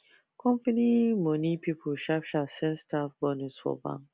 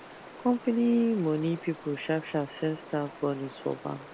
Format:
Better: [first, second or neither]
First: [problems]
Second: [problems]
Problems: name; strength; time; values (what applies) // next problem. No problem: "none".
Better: first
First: none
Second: background sound (Stream); 17 dB below the speech